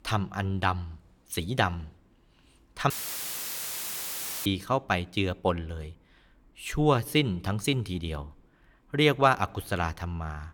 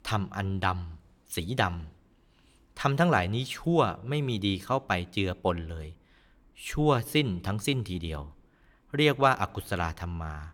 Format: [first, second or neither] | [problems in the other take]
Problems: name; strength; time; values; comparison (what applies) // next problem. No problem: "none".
second | audio cutting out; filled with static; at 3 s for 1.5 s